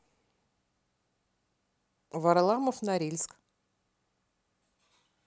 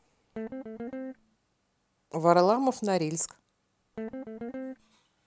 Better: first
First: none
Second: background sound (Guitar); 8 dB below the speech

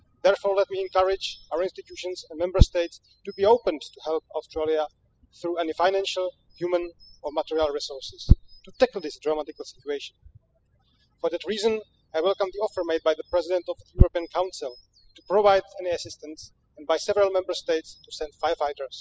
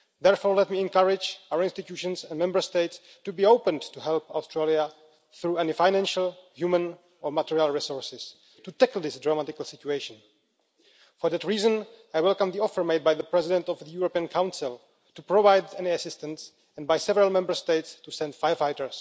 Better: second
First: noise reduction (classical method spectral subtraction)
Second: none

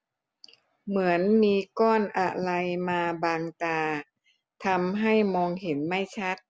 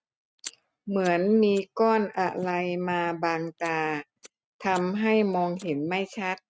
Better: first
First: none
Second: noise reduction (neural mask model RNNoise)

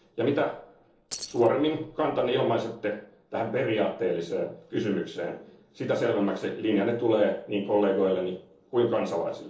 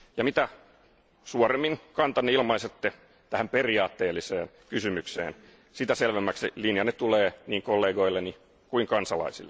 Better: second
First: noise reduction (neural separator model SepFormer DNS4)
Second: none

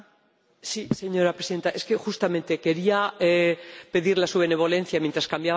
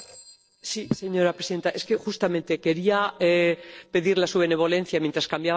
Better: first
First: none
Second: noise reduction (neural separator model SepFormer DNS4)

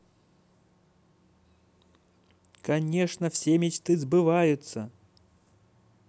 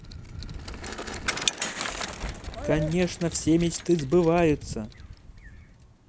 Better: first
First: none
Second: background sound (Bicycle); 7 dB below the speech

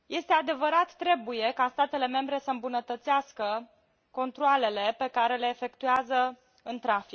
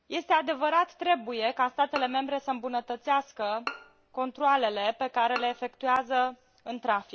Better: first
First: none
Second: background sound (Bowed string instrument); 15 dB below the speech

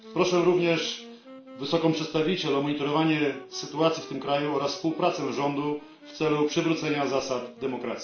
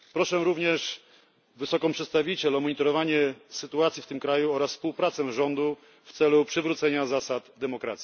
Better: second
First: background sound (Wind instrument, woodwind instrument); 19 dB below the speech // room echo; dies away in 0.4 s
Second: none

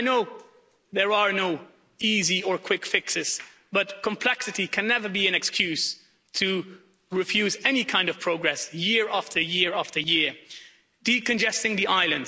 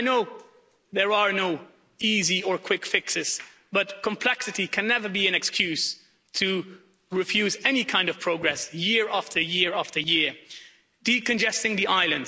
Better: first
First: none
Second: background sound (Walk, footsteps); 16 dB below the speech

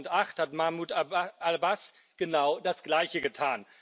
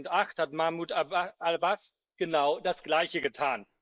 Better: first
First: none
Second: noise reduction (neural mask model Resemble Enhance denoiser)

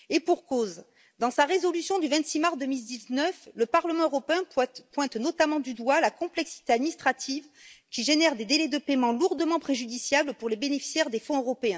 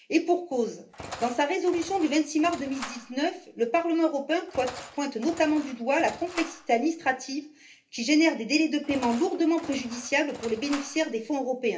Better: first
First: none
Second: background sound (Engine); 16 dB below the speech // room echo; dies away in 0.3 s

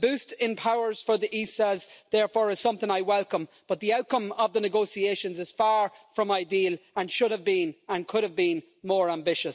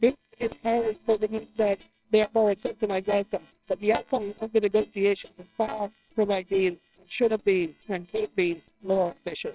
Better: first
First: none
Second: noise reduction (neural separator model SepFormer WHAMR!)

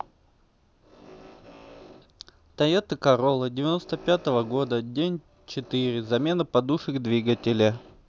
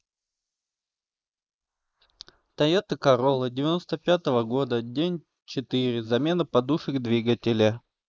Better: first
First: none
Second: noise reduction (neural mask model Resemble Enhance denoiser)

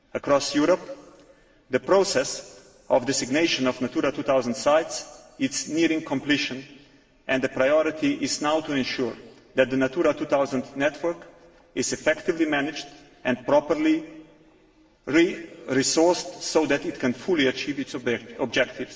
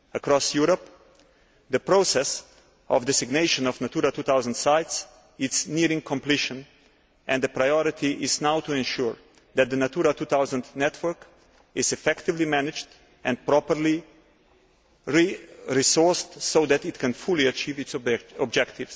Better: second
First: room echo; dies away in 1.4 s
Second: none

